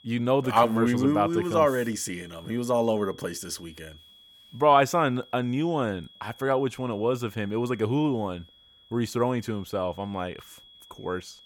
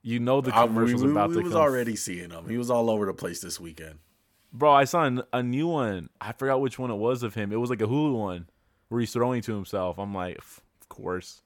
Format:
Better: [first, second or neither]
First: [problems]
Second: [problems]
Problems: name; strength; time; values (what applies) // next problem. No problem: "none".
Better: second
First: high-pitched whine; faint; throughout; 3.5 kHz, 25 dB below the speech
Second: none